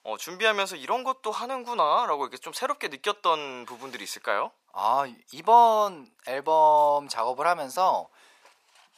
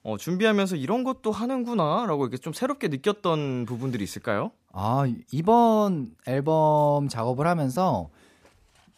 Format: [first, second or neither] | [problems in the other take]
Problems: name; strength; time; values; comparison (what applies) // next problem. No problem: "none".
second | thin; very; fading below 750 Hz